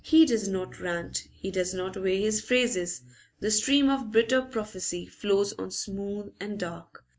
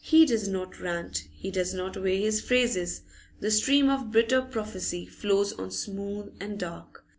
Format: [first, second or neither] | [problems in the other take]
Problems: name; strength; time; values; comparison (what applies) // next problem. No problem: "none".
second | noise reduction (neural mask model RNNoise)